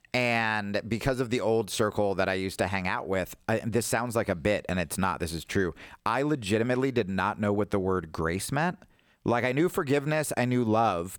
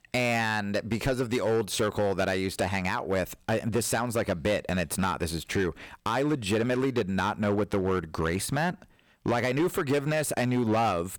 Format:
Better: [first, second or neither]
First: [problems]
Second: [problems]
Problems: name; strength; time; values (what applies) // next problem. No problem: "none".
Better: first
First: none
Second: distortion; slight; 9% of the sound clipped